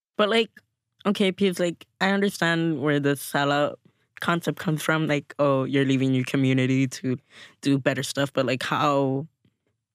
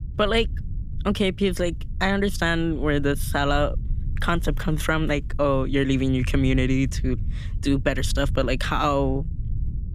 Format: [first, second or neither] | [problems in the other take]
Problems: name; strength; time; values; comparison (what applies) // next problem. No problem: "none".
first | low rumble; faint; throughout; 20 dB below the speech